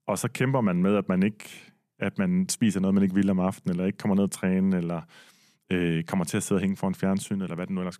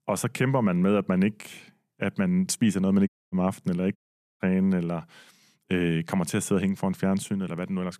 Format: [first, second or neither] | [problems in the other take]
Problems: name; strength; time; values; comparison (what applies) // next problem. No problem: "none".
first | audio cutting out; at 3 s and at 4 s